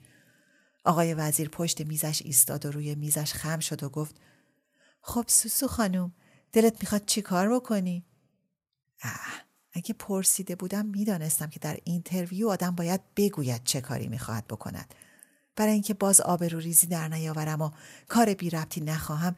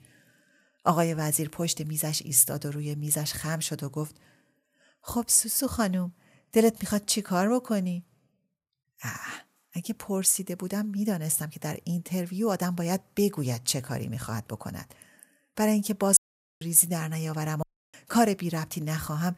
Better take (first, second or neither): first